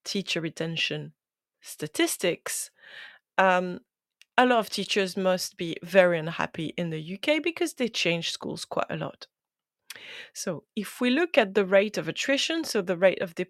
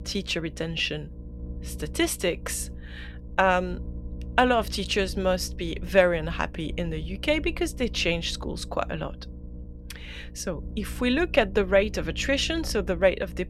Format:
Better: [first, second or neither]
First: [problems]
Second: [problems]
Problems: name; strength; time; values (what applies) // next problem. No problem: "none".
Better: first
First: none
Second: low rumble; faint; throughout; 25 dB below the speech